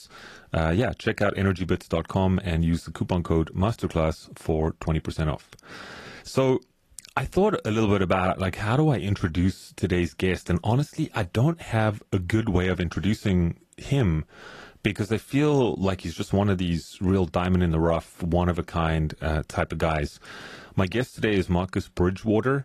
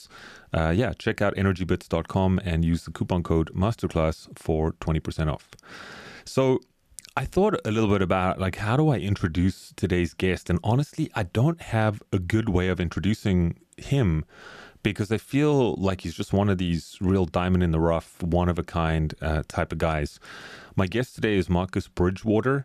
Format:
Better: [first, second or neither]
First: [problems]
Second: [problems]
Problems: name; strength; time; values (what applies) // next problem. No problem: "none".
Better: second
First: garbled, watery; slightly; nothing above 14.5 kHz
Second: none